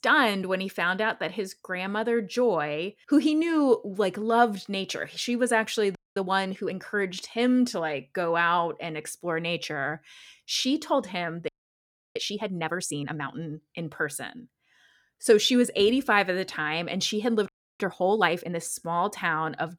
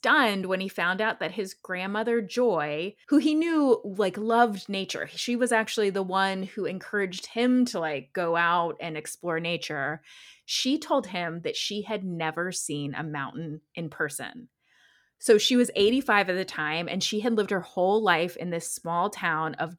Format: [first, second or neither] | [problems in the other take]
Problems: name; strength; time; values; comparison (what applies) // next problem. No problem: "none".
second | audio freezing; at 6 s, at 11 s for 0.5 s and at 17 s